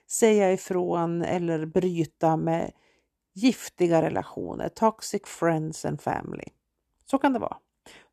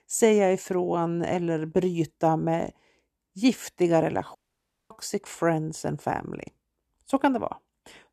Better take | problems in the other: first | audio cutting out; at 4.5 s for 0.5 s

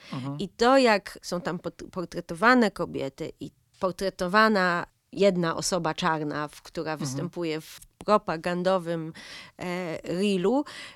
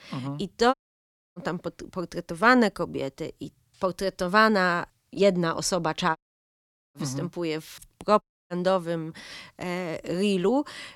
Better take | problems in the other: first | audio cutting out; at 0.5 s for 0.5 s, at 6 s for 1 s and at 8 s

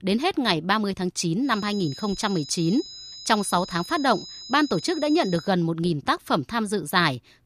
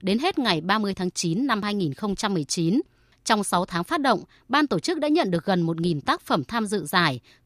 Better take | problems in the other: second | high-pitched whine; noticeable; from 1.5 to 5.5 s; 5 kHz, 15 dB below the speech

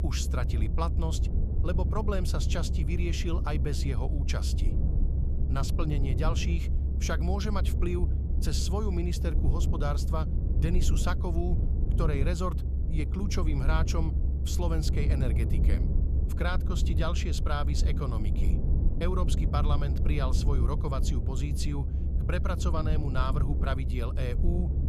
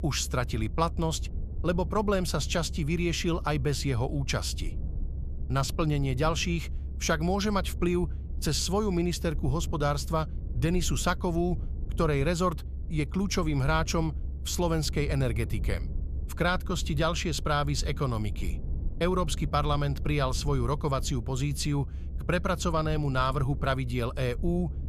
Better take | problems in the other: second | low rumble; loud; throughout; 7 dB below the speech; faint in the second

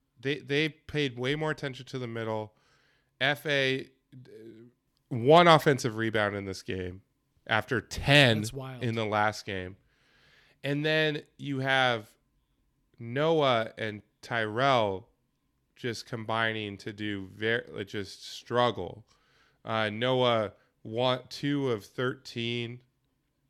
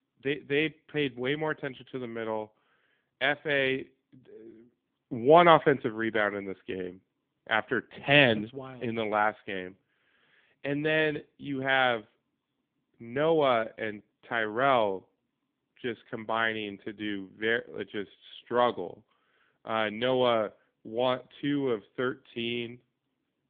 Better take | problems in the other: first | phone-call audio; poor line; nothing above 3.5 kHz

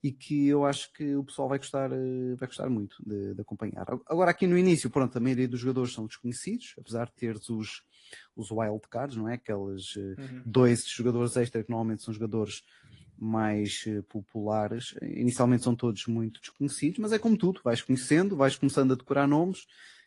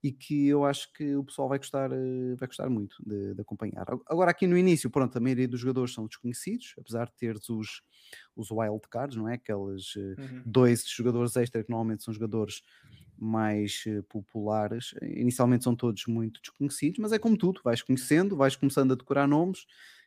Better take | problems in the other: second | garbled, watery; slightly; nothing above 11 kHz

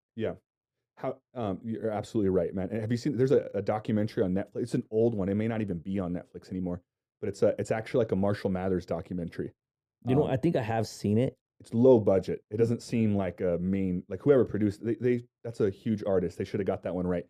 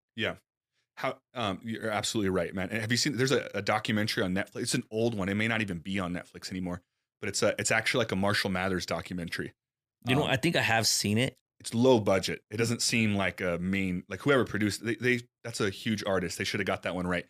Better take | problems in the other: second | muffled; very; fading above 1 kHz

